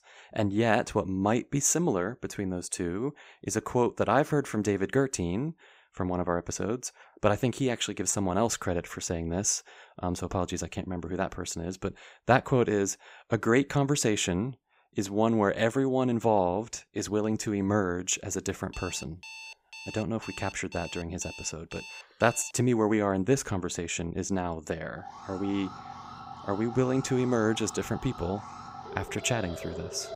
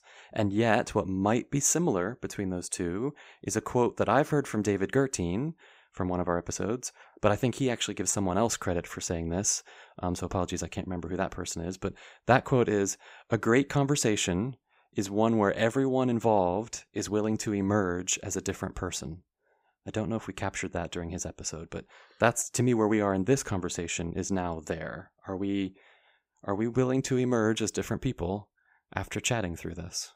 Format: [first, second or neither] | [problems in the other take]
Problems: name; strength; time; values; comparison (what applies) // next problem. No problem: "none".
second | alarm; faint; from 19 to 23 s and from 25 s on; peak 10 dB below the speech